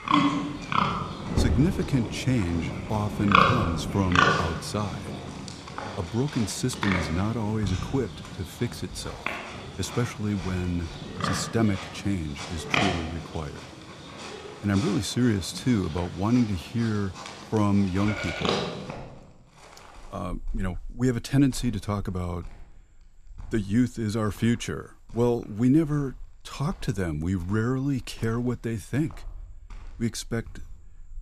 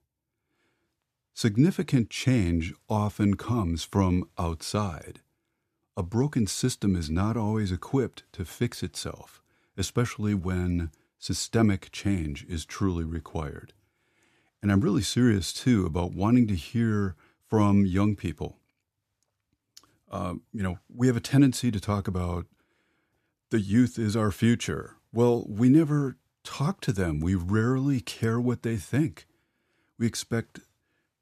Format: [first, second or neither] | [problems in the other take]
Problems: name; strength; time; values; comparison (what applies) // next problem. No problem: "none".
second | animal sounds; loud; throughout; 2 dB below the speech